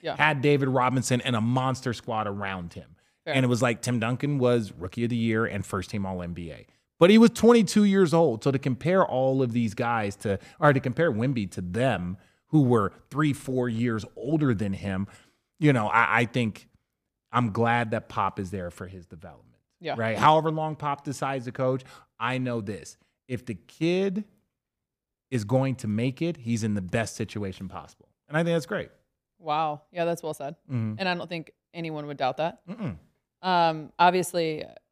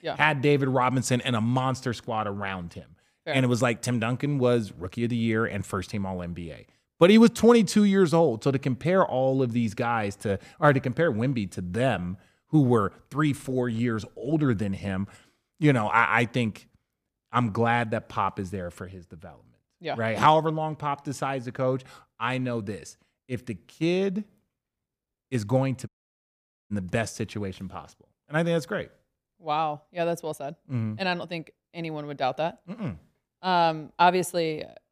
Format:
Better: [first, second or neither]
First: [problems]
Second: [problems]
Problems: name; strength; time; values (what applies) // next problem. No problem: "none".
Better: first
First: none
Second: audio cutting out; at 26 s for 1 s